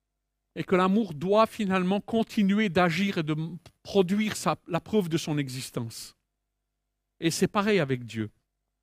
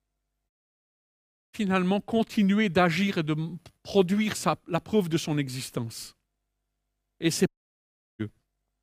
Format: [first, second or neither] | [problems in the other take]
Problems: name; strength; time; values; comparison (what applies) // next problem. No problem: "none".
first | audio cutting out; at 0.5 s for 1 s and at 7.5 s for 0.5 s